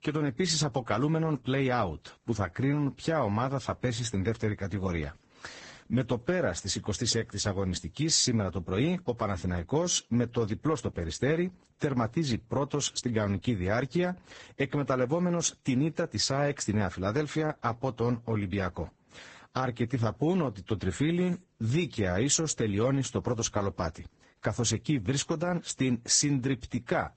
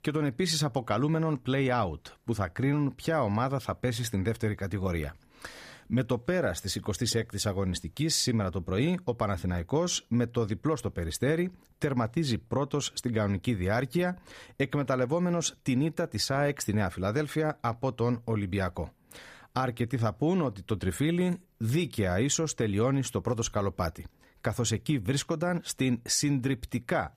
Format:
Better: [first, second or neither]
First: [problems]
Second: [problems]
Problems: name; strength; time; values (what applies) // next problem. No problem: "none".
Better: second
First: garbled, watery; badly; nothing above 8 kHz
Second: none